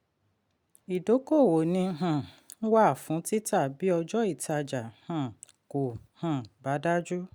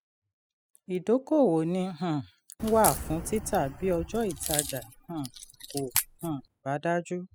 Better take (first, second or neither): first